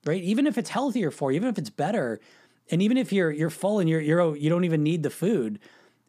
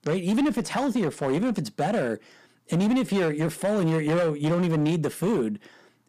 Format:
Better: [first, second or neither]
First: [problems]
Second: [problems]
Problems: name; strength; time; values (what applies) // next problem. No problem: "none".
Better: first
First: none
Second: distortion; slight; 14% of the sound clipped